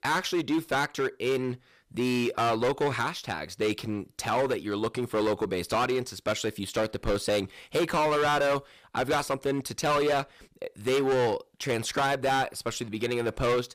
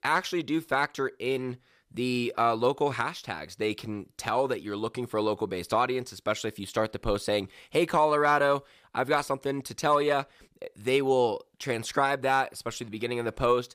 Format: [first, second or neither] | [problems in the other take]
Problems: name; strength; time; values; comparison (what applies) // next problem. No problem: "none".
second | distortion; heavy; 13% of the sound clipped